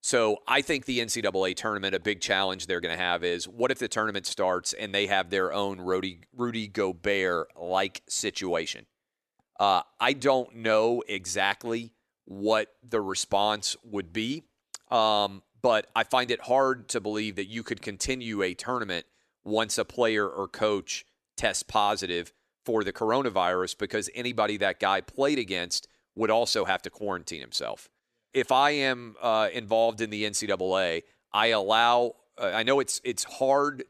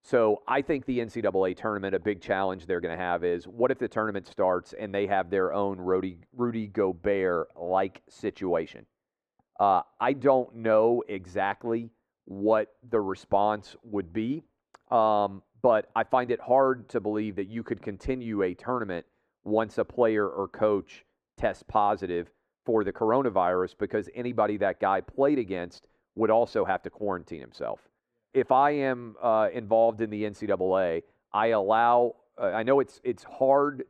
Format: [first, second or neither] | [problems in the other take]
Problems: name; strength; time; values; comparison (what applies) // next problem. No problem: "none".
first | muffled; very; fading above 2.5 kHz